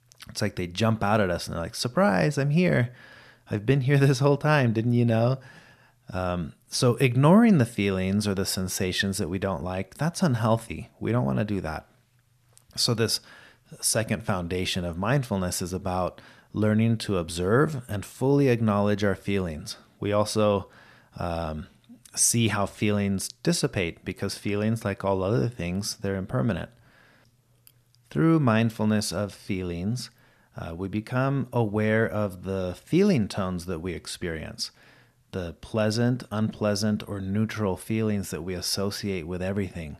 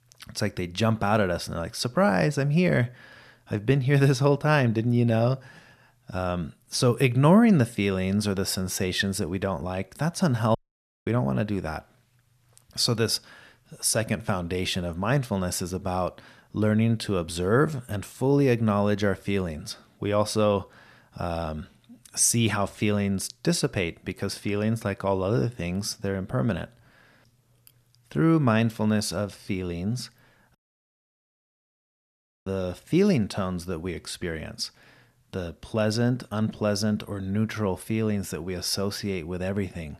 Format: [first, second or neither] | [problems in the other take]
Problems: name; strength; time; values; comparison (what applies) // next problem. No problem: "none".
first | audio cutting out; at 11 s for 0.5 s and at 31 s for 2 s